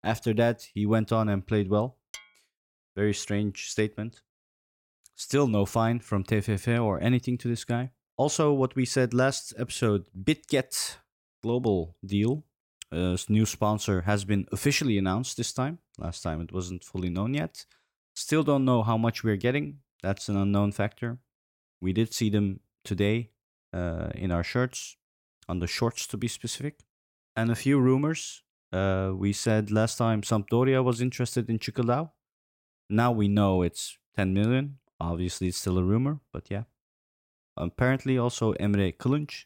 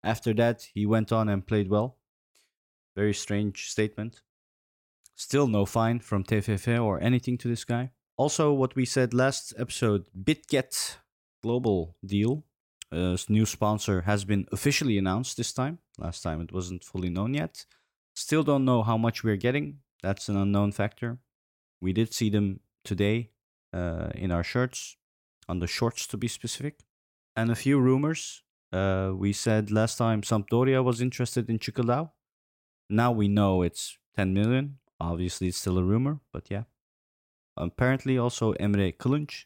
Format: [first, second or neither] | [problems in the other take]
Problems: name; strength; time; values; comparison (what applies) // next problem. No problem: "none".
second | clattering dishes; faint; at 2 s; peak 15 dB below the speech